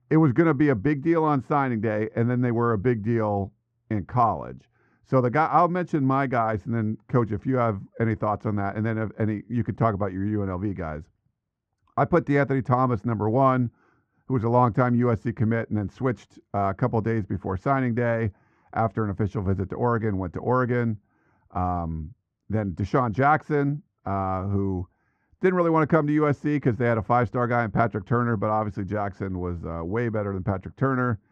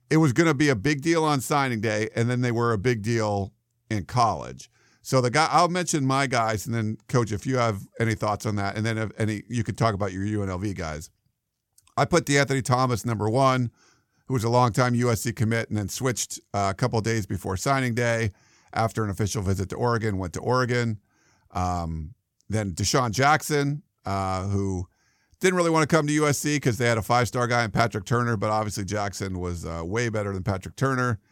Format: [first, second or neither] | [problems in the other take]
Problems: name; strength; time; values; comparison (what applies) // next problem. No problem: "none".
second | muffled; very; fading above 1.5 kHz